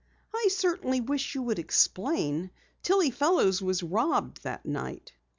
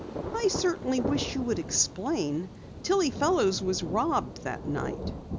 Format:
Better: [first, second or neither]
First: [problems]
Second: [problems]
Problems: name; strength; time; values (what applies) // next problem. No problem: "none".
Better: first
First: none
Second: background sound (Thunder); 8 dB below the speech